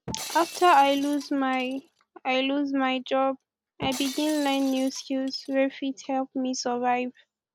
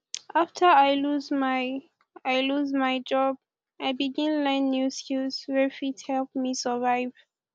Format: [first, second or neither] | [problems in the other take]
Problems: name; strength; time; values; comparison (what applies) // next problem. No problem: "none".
second | background sound (Shatter); 17 dB below the speech